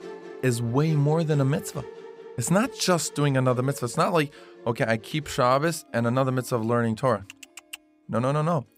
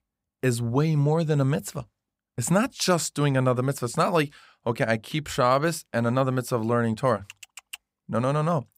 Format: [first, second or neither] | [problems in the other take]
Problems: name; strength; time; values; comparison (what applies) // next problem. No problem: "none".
second | background music; noticeable; throughout; 20 dB below the speech